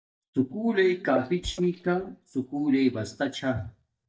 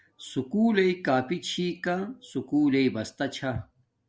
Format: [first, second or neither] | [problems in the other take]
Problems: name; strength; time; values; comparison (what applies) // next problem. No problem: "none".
second | noise reduction (neural mask model DeepFilterNet 3)